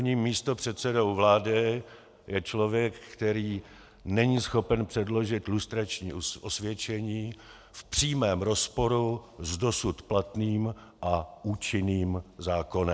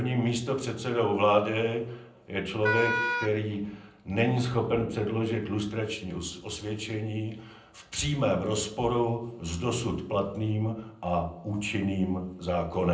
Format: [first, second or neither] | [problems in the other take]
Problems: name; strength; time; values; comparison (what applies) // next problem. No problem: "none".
first | background sound (Wind instrument, woodwind instrument); 2 dB below the speech // room echo; dies away in 0.6 s